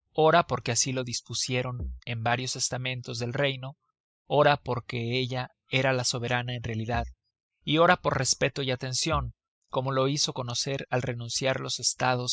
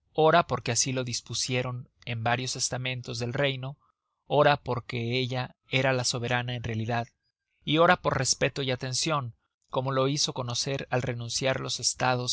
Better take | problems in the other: second | noise reduction (classical method spectral subtraction)

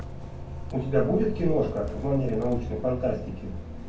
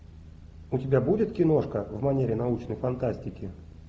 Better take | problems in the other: second | background sound (Bus); 12 dB below the speech // room echo; dies away in 0.2 s

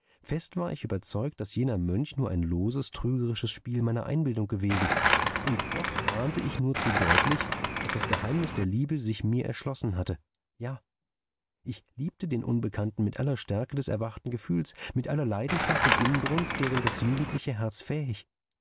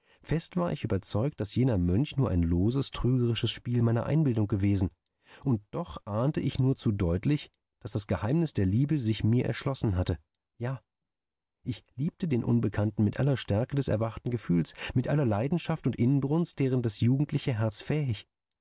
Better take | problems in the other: second | background sound (Skateboard); 2 dB above the speech

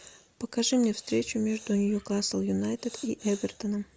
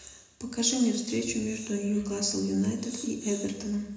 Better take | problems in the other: first | room echo; dies away in 0.9 s

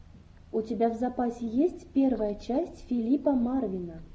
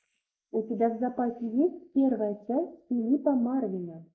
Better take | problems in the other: first | noise reduction (neural mask model Resemble Enhance denoiser)

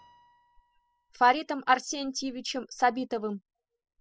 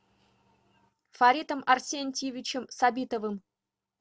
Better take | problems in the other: second | noise reduction (classical method spectral subtraction)

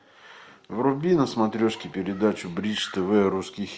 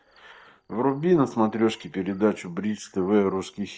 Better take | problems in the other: first | noise reduction (neural mask model DeepFilterNet 3)

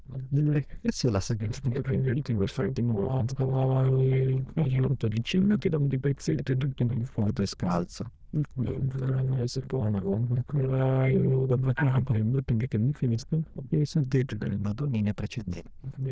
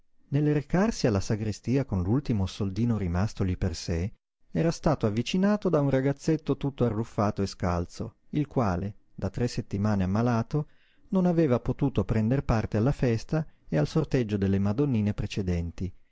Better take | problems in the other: second | noise reduction (neural diffusion model UNIVERSE++)

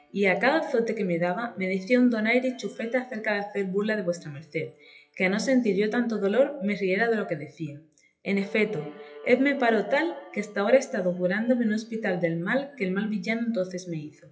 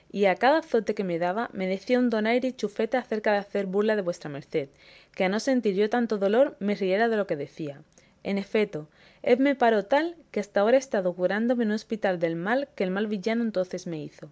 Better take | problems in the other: second | noise reduction (classical method WPE with log-MMSE)

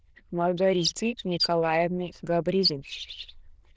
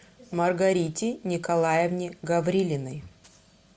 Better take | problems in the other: second | noise reduction (neural diffusion model UNIVERSE++)

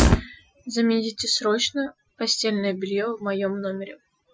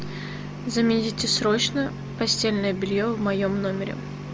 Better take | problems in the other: second | noise reduction (classical method Wiener filter)

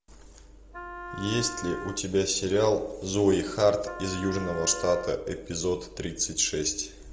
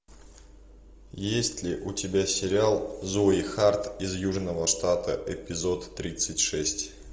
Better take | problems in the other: second | background sound (Wind instrument, woodwind instrument); 12 dB below the speech

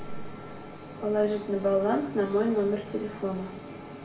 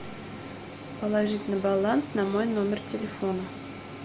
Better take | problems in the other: second | room echo; dies away in 0.6 s

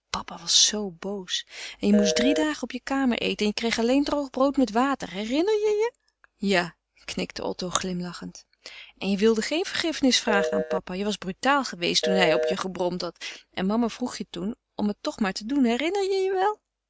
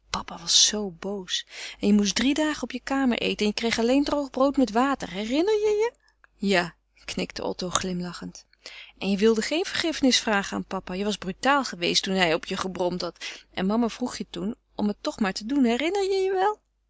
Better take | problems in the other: second | noise reduction (neural mask model RNNoise)

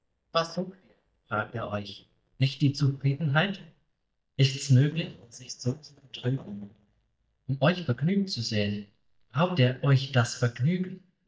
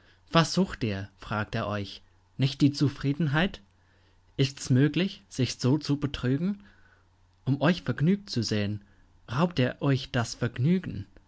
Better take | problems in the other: second | noise reduction (neural mask model DeepFilterNet 3)

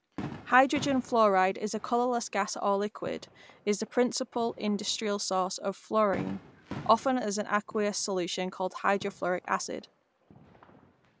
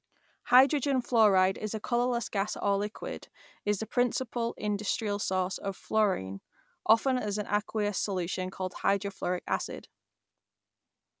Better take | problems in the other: second | background sound (Fireworks); 18 dB below the speech

